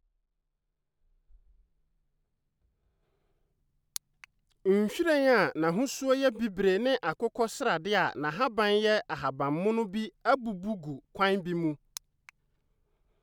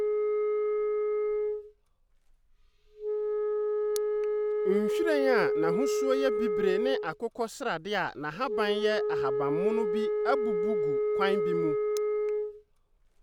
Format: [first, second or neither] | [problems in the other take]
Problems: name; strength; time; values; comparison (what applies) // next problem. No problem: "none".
first | background sound (Wind instrument, woodwind instrument); 4 dB above the speech